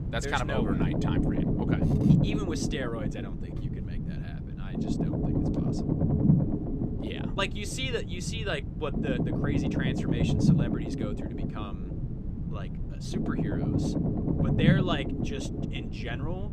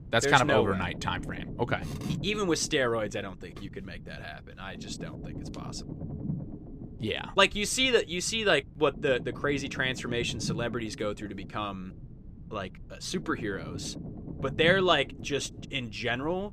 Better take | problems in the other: second | low rumble; loud; throughout; as loud as the speech; faint in the second

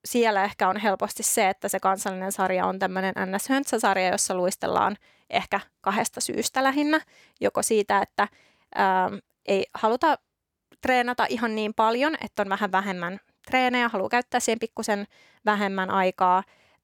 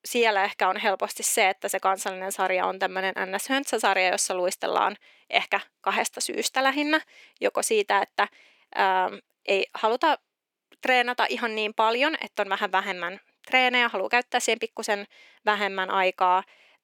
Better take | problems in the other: first | thin; very slightly; fading below 350 Hz

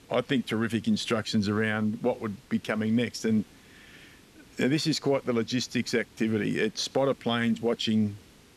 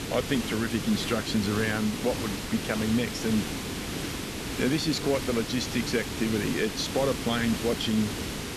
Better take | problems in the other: first | hiss; loud; throughout; 4 dB below the speech; faint in the first

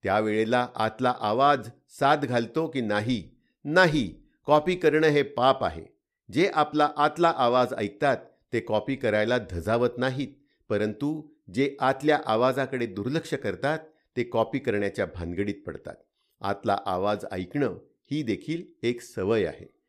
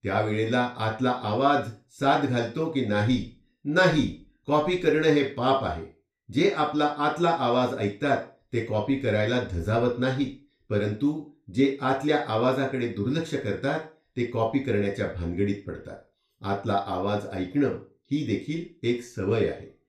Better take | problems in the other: first | room echo; slight; dies away in 0.3 s // off-mic speech; far

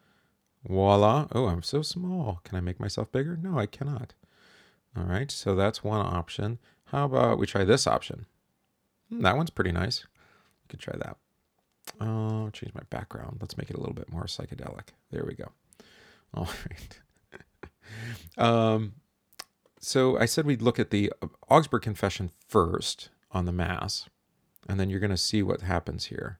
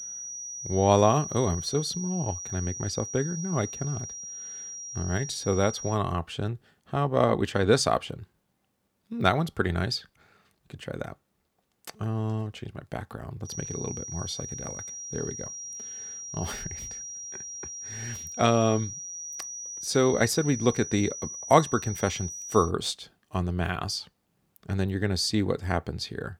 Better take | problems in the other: first | high-pitched whine; loud; until 6 s and from 13 to 23 s; 5.5 kHz, 8 dB below the speech

